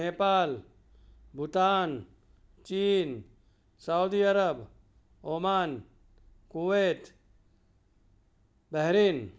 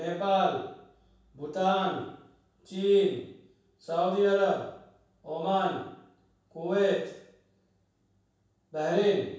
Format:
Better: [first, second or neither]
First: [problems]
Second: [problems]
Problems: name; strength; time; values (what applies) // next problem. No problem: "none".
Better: first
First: none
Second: room echo; dies away in 0.7 s